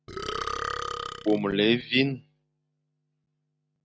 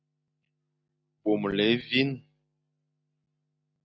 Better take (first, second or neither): second